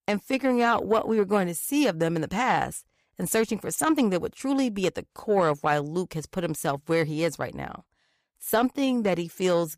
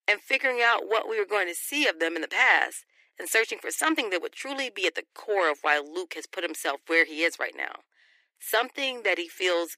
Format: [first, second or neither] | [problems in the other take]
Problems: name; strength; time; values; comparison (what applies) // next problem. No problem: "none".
first | thin; very; fading below 300 Hz